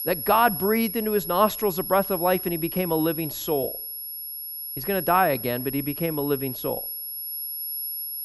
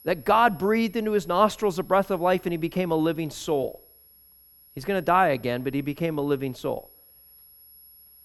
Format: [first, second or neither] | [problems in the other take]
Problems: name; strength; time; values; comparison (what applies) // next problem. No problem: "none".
second | high-pitched whine; loud; throughout; 11.5 kHz, 6 dB below the speech; faint in the second